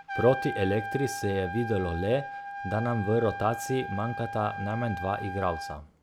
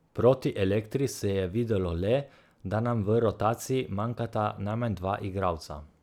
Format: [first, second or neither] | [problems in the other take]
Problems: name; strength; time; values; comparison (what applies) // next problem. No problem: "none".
second | background sound (Trumpet); 8 dB below the speech